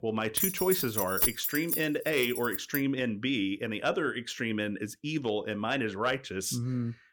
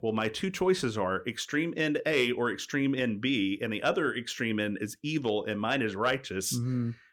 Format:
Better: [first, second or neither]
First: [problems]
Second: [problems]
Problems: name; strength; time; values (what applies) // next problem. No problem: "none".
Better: second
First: jangling keys; loud; until 3 s; peak 5 dB above the speech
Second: none